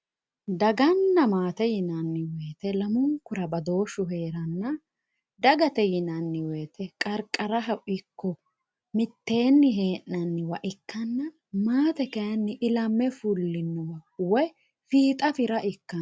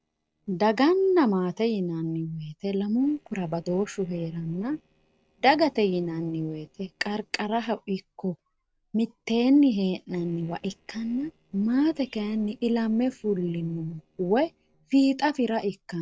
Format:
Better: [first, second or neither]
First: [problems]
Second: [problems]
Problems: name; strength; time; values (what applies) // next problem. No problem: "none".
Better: first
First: none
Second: noise reduction (neural separator model SepFormer DNS4)